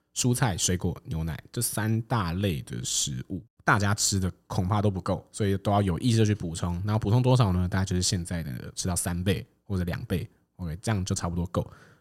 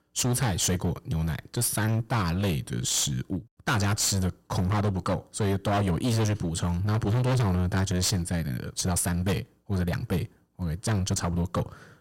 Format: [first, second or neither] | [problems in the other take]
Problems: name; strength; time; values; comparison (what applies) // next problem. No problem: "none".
first | distortion; heavy; 17% of the sound clipped